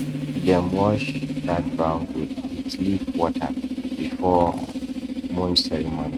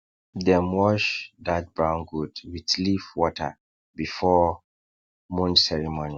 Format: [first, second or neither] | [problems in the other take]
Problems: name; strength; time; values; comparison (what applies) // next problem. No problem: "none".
second | noise reduction (neural mask model RNNoise)